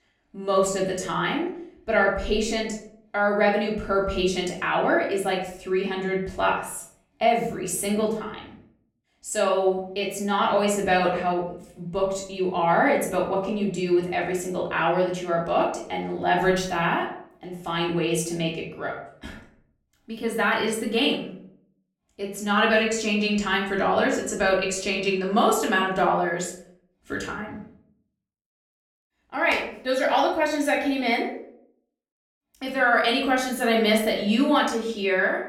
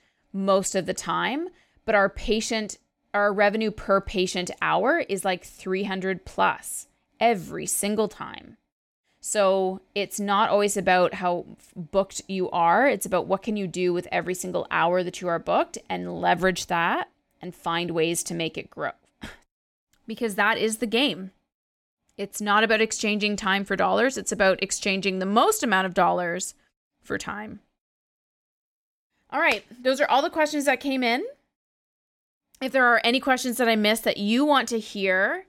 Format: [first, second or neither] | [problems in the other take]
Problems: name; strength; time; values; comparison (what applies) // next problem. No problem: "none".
second | off-mic speech; far // room echo; slight; dies away in 0.5 s